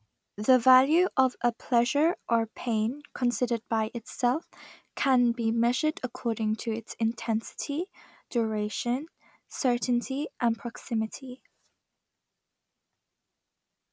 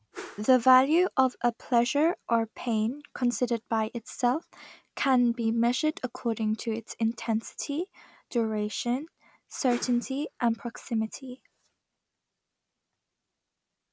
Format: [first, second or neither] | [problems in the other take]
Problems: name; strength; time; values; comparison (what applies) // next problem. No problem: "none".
first | background sound (Whoosh, swoosh, swish); 18 dB below the speech